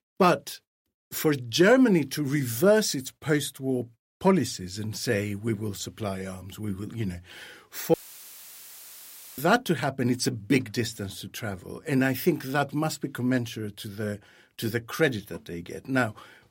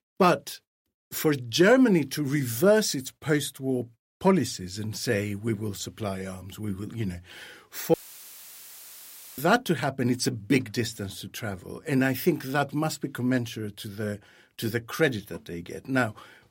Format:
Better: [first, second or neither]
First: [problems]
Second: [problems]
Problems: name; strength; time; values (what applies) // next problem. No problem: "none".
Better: neither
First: audio cutting out; filled with static; at 8 s for 1.5 s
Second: audio cutting out; filled with static; at 8 s for 1.5 s